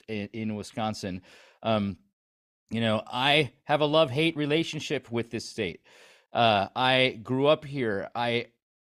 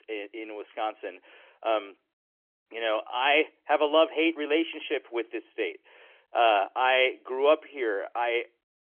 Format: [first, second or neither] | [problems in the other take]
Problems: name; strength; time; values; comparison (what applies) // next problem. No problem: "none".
first | phone-call audio; nothing above 3.5 kHz